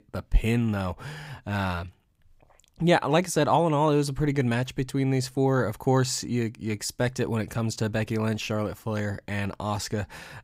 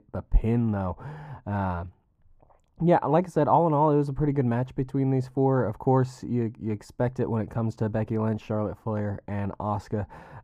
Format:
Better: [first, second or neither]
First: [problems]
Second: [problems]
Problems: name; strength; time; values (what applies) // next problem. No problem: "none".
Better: first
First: none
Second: muffled; very; fading above 2 kHz